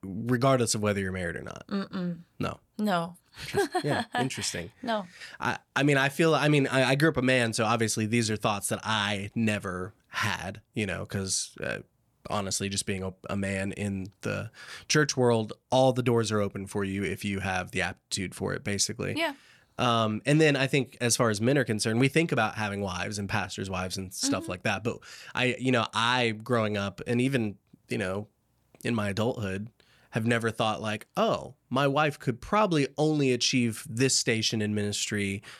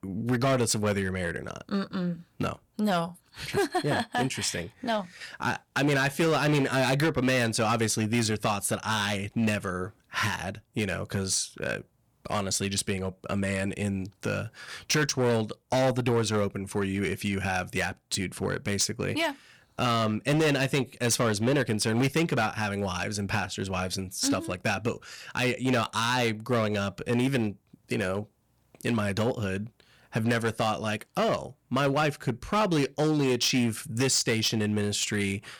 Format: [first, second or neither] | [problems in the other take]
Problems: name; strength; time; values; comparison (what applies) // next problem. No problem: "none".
first | distortion; slight; 7% of the sound clipped